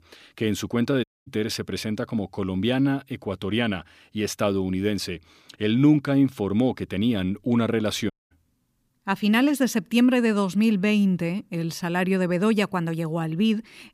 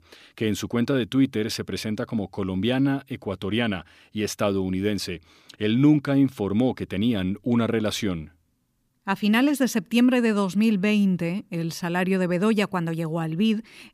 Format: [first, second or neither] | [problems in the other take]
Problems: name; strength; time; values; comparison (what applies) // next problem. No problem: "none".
second | audio cutting out; at 1 s and at 8 s